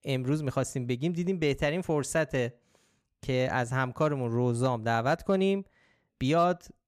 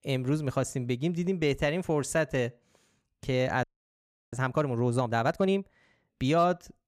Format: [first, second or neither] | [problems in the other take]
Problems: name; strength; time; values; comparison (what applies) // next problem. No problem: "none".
first | audio freezing; at 3.5 s for 0.5 s